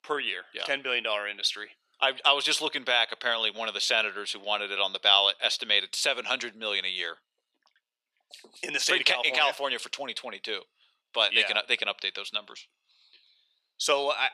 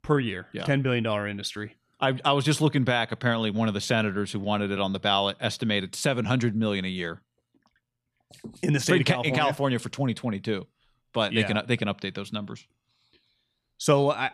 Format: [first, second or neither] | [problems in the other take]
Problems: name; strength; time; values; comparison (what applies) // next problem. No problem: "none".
second | thin; very; fading below 500 Hz